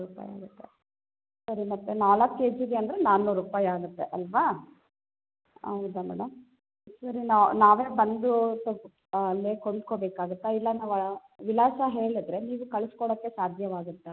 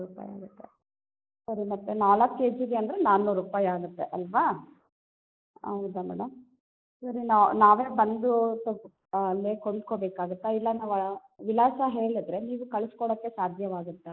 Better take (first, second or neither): first